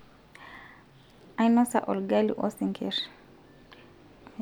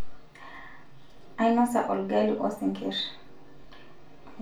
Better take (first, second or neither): first